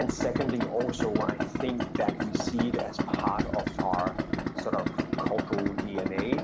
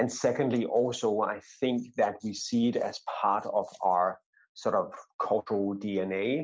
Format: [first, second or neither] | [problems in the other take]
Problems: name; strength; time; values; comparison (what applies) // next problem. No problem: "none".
second | background sound (Idling); 2 dB above the speech